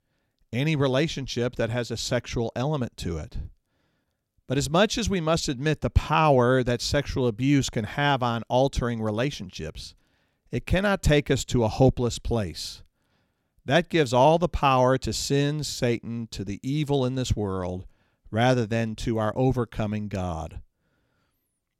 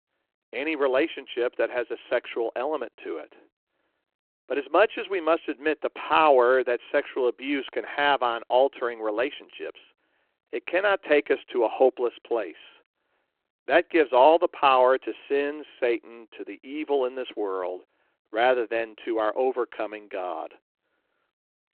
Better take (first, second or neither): first